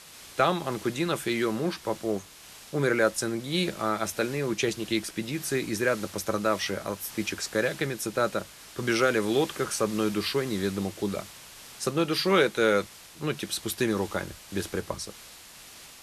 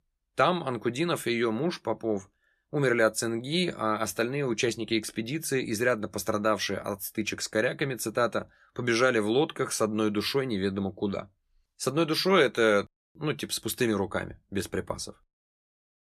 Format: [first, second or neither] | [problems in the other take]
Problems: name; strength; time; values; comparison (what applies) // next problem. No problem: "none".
second | hiss; noticeable; throughout; 15 dB below the speech